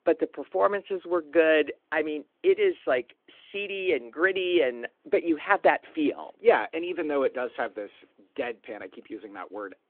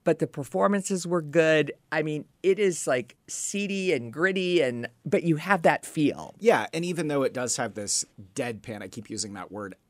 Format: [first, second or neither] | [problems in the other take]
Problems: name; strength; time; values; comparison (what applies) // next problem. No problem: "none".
second | phone-call audio